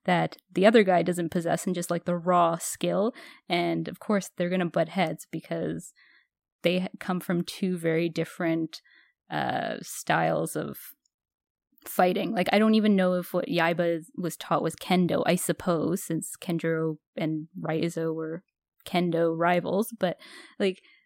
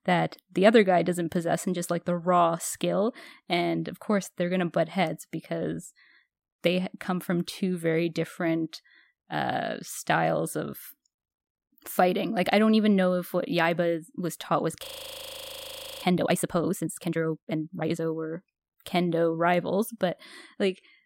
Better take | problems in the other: first | audio freezing; at 15 s for 1 s

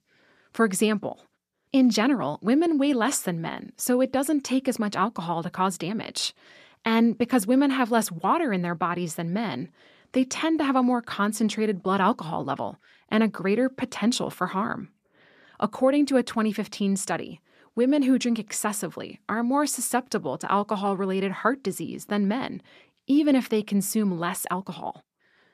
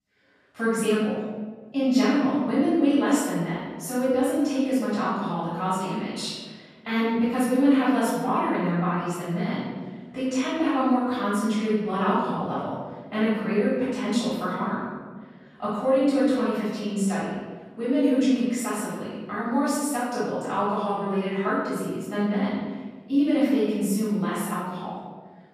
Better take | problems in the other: first | off-mic speech; far // room echo; strong; dies away in 1.3 s

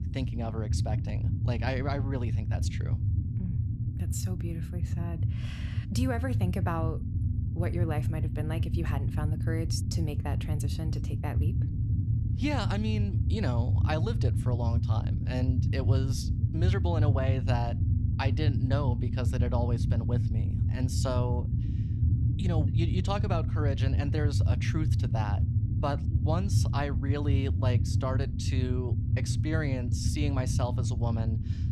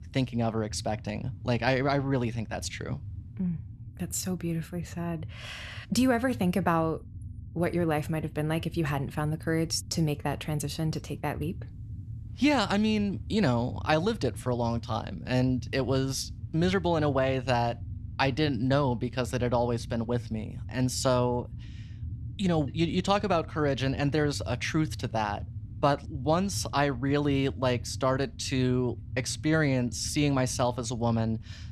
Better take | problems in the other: second | low rumble; loud; throughout; 5 dB below the speech; faint in the second

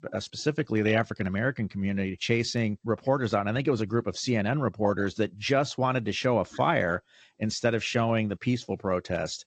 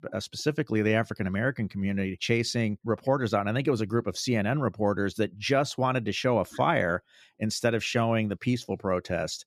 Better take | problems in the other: second | garbled, watery; slightly; nothing above 7.5 kHz

